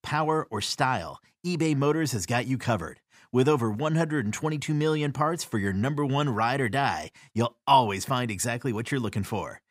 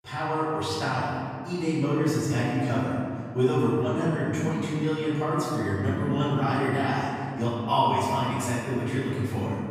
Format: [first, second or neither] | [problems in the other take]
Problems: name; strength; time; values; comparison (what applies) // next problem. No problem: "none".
first | off-mic speech; far // room echo; strong; dies away in 2.3 s